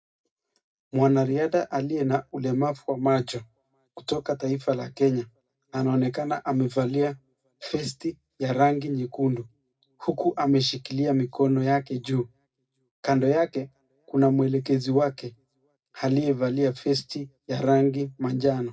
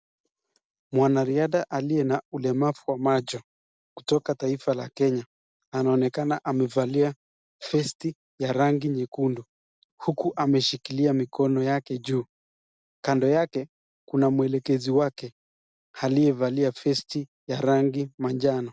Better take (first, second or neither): second